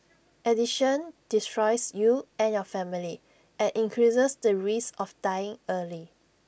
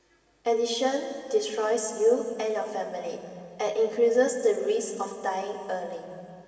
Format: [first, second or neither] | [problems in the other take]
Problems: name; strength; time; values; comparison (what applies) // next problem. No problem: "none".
first | room echo; dies away in 2.6 s